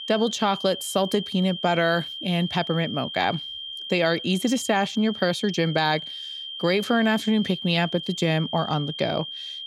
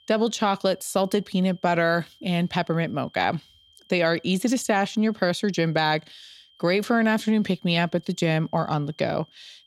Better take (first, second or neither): second